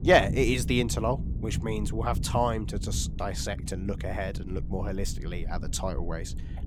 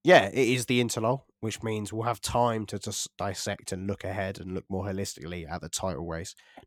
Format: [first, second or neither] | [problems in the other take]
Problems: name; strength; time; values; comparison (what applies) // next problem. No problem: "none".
second | low rumble; noticeable; throughout; 15 dB below the speech